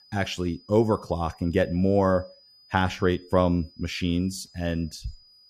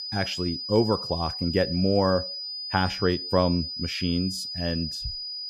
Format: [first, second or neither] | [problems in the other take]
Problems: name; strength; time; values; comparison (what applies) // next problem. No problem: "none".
first | high-pitched whine; loud; throughout; 5 kHz, 5 dB below the speech; faint in the first